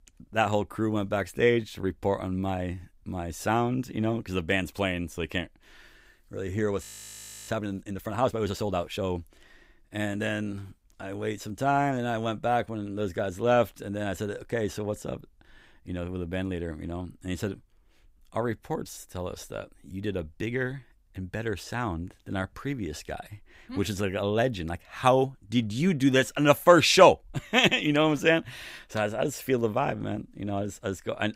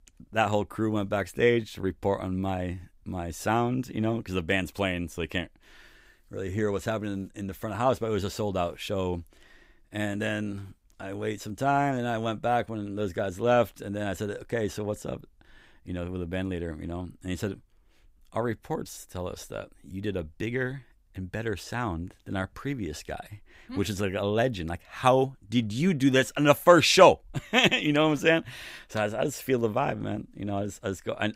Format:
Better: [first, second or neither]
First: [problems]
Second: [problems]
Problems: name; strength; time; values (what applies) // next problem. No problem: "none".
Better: second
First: audio freezing; at 7 s for 0.5 s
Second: none